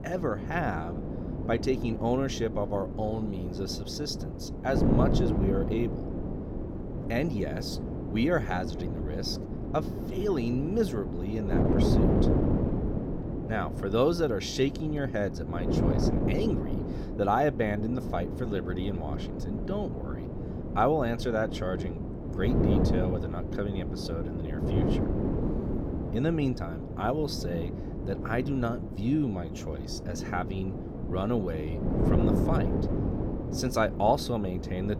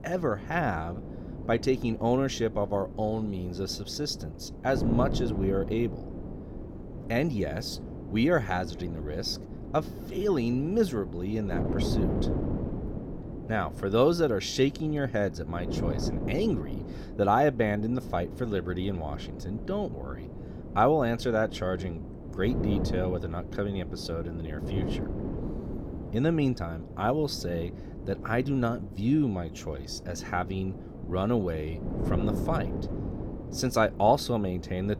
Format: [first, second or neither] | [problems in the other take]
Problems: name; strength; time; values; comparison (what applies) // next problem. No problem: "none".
second | wind noise on the microphone; heavy; 5 dB below the speech; occasional gusts in the second